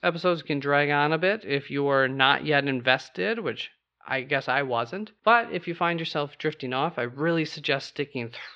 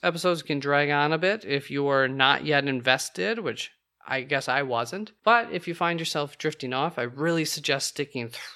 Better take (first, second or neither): second